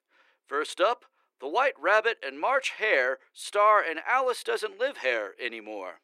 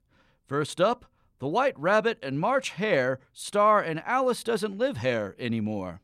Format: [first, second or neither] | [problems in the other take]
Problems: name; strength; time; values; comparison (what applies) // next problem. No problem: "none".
second | thin; very; fading below 350 Hz